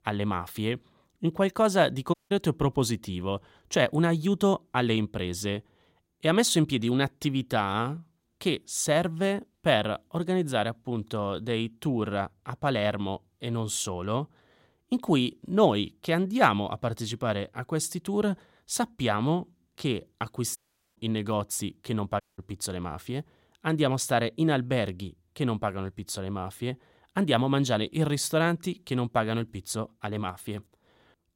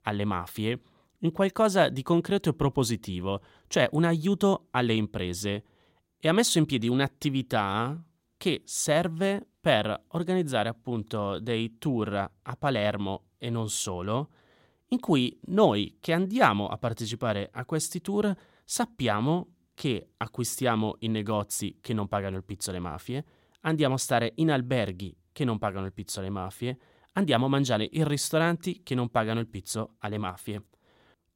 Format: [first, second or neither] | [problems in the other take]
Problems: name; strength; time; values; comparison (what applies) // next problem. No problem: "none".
second | audio cutting out; at 2 s, at 21 s and at 22 s